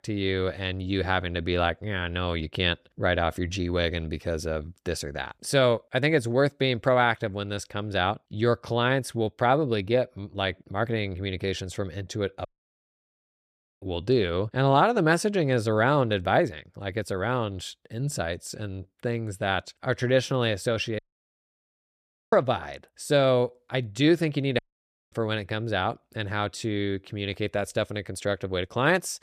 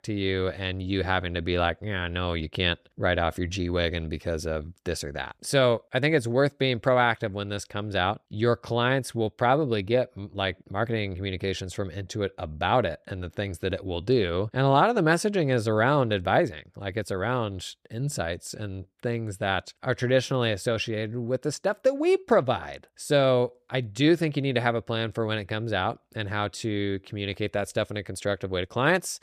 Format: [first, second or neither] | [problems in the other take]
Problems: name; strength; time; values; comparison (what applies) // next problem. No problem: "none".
second | audio cutting out; at 12 s for 1.5 s, at 21 s for 1.5 s and at 25 s for 0.5 s